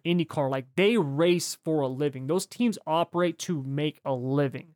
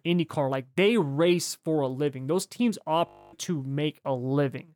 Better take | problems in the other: first | audio freezing; at 3 s

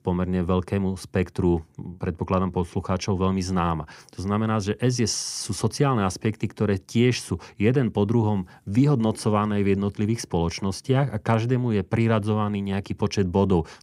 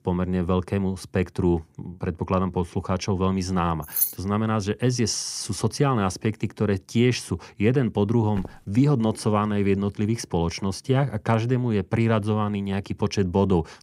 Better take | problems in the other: first | jangling keys; loud; at 4 s; peak 1 dB above the speech // footsteps; faint; at 8.5 s; peak 15 dB below the speech

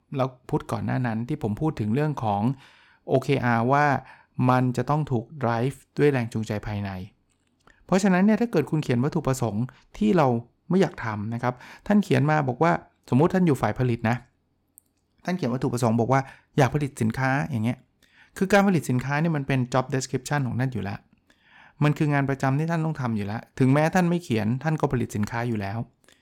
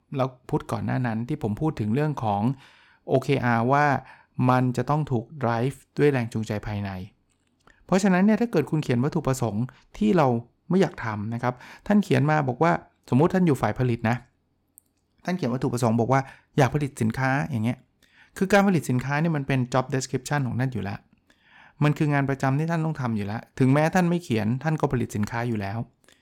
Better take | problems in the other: neither | none

